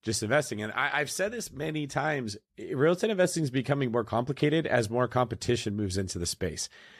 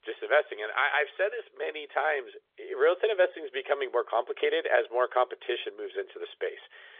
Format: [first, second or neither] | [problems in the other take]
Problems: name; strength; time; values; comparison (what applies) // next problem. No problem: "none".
first | phone-call audio; nothing above 3.5 kHz